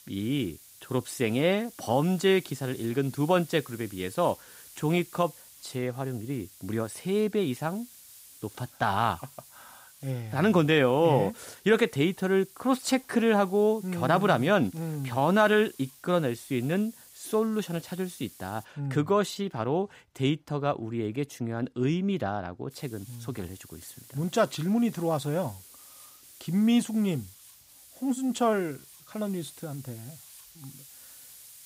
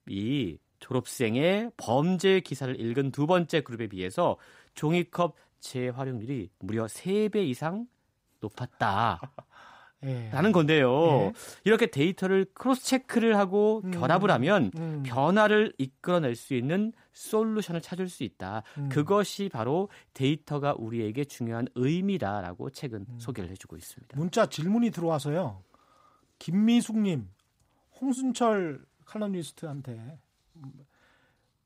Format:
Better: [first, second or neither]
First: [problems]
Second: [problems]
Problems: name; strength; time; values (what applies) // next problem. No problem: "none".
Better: second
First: hiss; faint; until 19 s and from 23 s on; 20 dB below the speech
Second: none